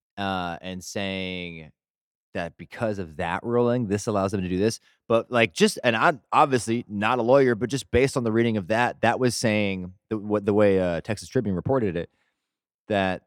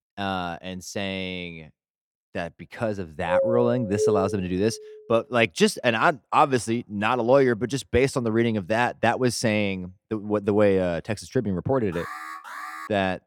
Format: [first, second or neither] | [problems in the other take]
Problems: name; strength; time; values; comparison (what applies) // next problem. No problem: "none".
first | doorbell; loud; from 3.5 to 4.5 s; peak level with the speech // alarm; faint; at 12 s; peak 10 dB below the speech